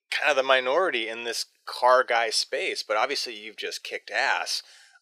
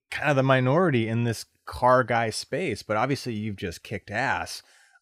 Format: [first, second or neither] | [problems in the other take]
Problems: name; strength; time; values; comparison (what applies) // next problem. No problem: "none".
second | thin; very; fading below 450 Hz